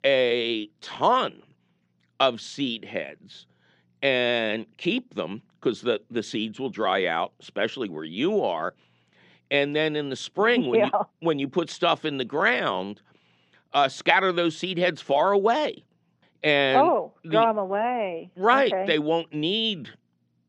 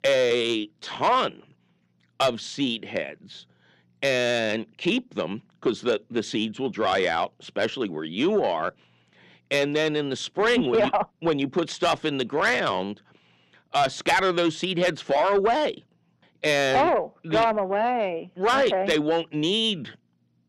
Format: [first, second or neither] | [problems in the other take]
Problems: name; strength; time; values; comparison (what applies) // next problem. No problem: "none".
first | distortion; slight; 10 dB below the speech